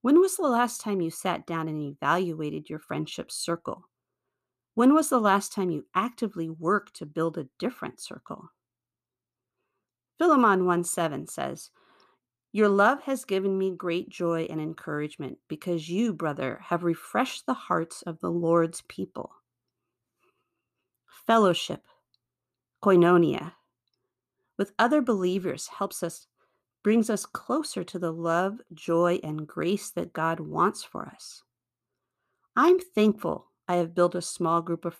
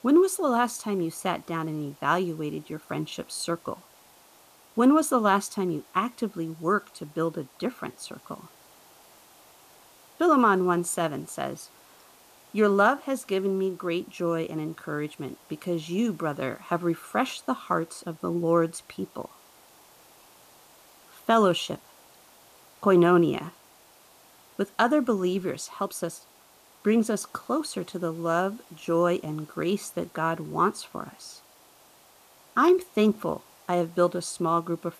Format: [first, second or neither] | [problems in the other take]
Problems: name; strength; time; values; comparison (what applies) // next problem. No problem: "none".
first | hiss; faint; throughout; 25 dB below the speech